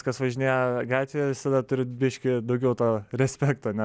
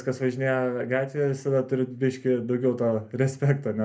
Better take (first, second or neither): first